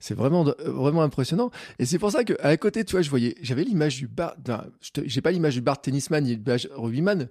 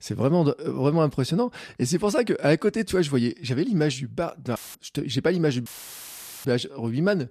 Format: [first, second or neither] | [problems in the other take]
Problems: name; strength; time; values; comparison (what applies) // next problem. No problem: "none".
first | audio cutting out; filled with static; at 4.5 s and at 5.5 s for 1 s